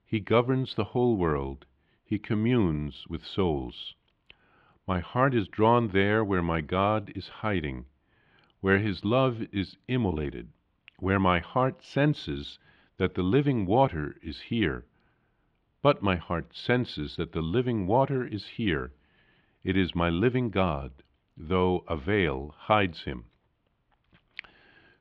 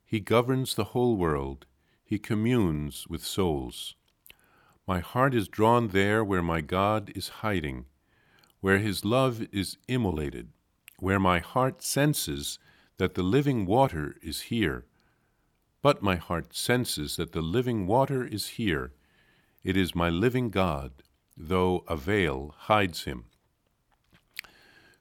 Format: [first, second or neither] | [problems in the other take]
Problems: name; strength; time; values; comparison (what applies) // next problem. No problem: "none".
second | muffled; slightly; fading above 3 kHz